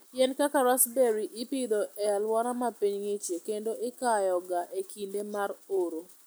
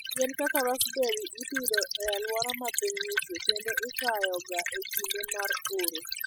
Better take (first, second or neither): first